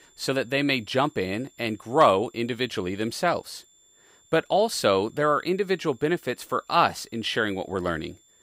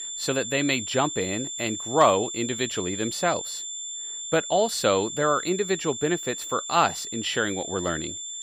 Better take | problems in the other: first | high-pitched whine; loud; throughout; 7.5 kHz, 6 dB below the speech; faint in the first

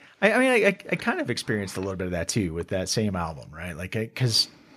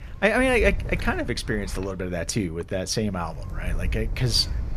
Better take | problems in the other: first | wind noise on the microphone; occasional gusts; 25 dB below the speech

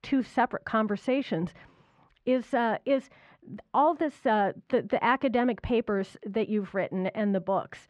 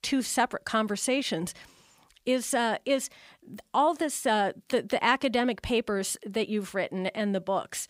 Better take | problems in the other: second | muffled; very; fading above 2 kHz

